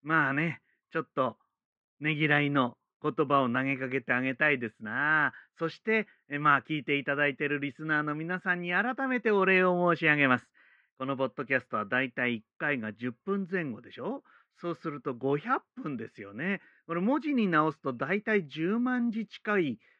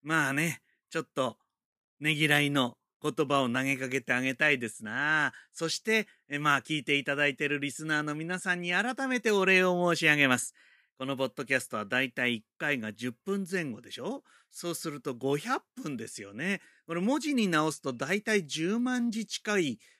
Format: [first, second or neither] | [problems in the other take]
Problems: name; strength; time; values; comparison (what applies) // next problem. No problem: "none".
second | muffled; very; fading above 2.5 kHz